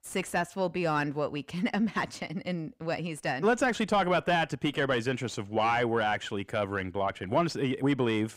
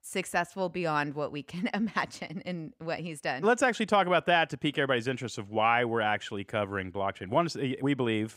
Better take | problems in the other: second | distortion; slight; 10 dB below the speech

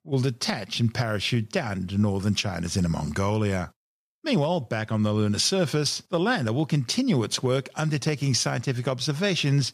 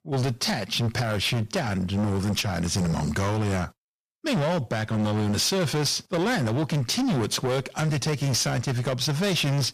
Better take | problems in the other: first | distortion; heavy; 27% of the sound clipped

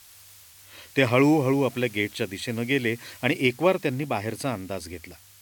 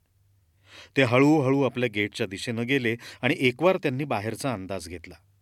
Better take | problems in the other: second | hiss; faint; throughout; 20 dB below the speech

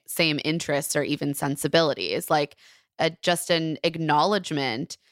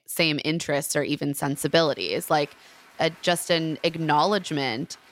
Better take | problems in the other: first | crowd noise; faint; from 1.5 s on; 25 dB below the speech

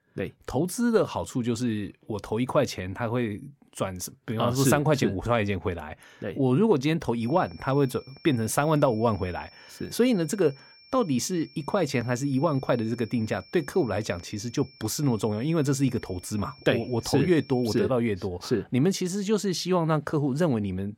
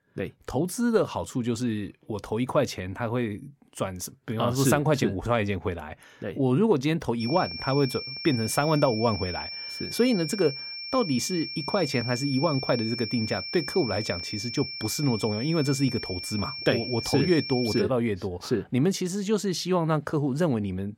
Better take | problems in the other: first | high-pitched whine; loud; from 7 to 18 s; 5.5 kHz, 7 dB below the speech; faint in the first

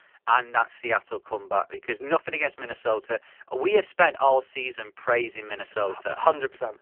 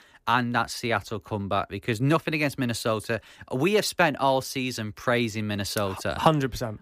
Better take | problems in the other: second | phone-call audio; poor line; nothing above 3 kHz

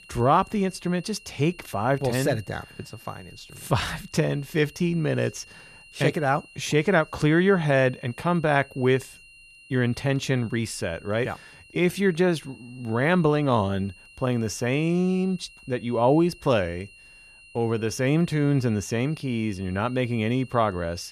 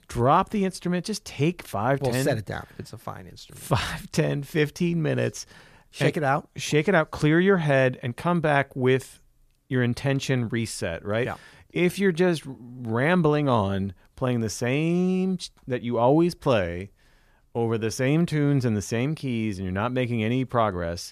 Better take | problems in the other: second | high-pitched whine; faint; throughout; 3 kHz, 25 dB below the speech

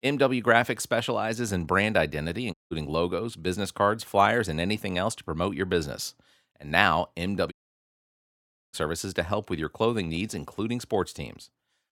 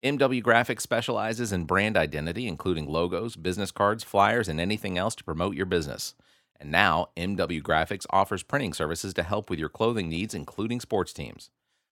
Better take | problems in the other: second | audio cutting out; at 2.5 s and at 7.5 s for 1 s

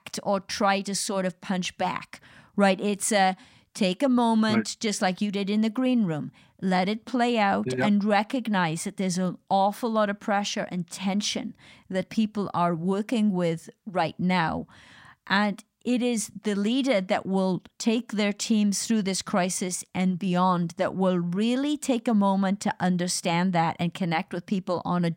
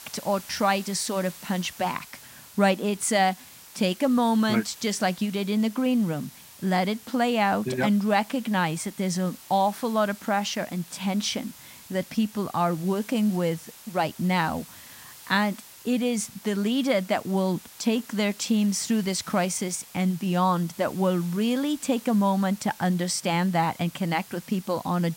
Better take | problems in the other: first | hiss; noticeable; throughout; 20 dB below the speech

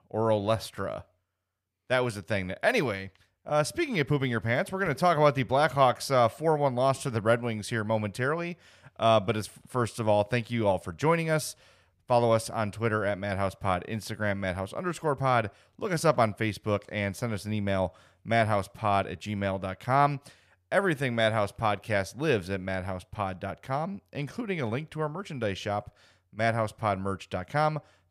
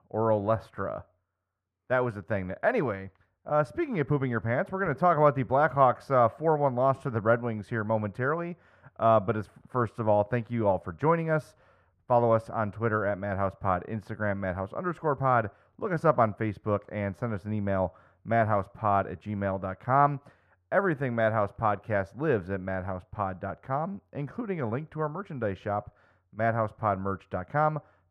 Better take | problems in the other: first | muffled; very; fading above 2 kHz

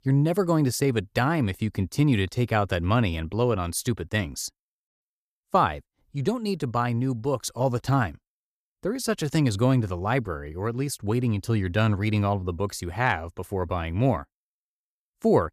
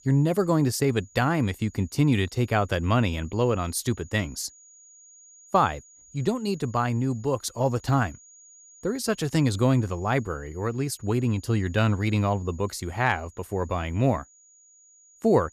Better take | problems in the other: first | high-pitched whine; faint; throughout; 7 kHz, 25 dB below the speech

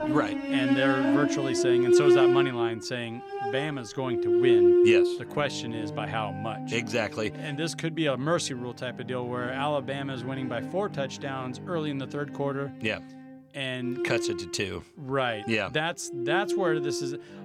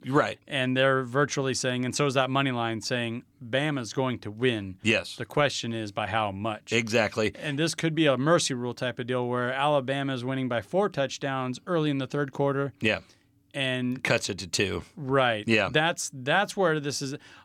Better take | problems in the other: second | background music; very loud; throughout; 5 dB above the speech

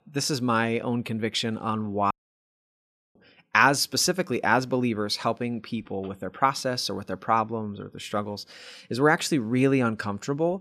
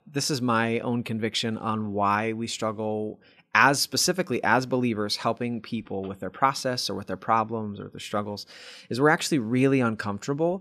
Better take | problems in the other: second | audio cutting out; at 2 s for 1 s

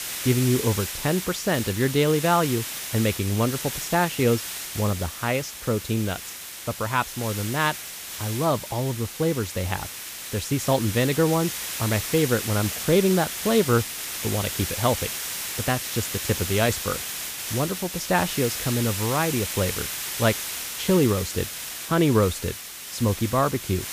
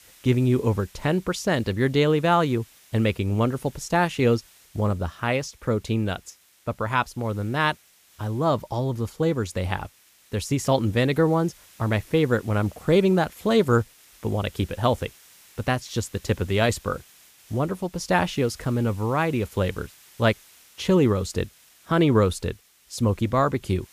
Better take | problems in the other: second | hiss; loud; throughout; 5 dB below the speech; faint in the second

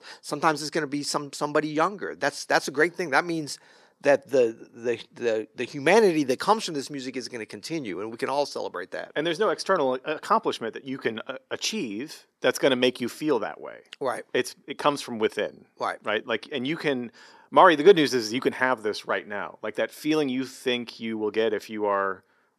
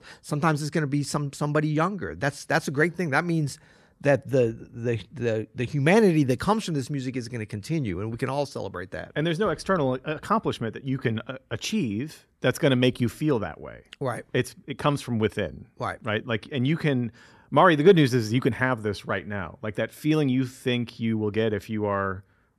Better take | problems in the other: second | thin; somewhat; fading below 350 Hz

